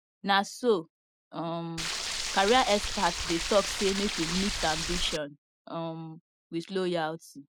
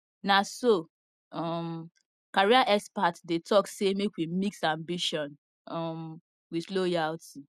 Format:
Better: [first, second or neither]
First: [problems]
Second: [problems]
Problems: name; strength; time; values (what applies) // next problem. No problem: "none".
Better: second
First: background sound (Stream); 3 dB below the speech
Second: none